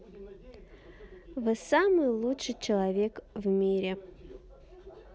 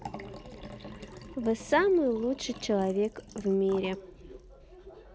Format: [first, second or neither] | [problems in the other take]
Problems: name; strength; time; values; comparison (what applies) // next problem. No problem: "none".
first | background sound (Liquid); 16 dB below the speech